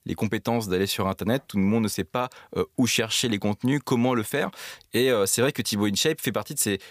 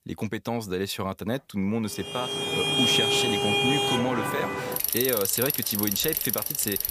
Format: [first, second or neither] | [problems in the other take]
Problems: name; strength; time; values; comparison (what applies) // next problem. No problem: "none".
first | traffic noise; very loud; from 2.5 s on; 4 dB above the speech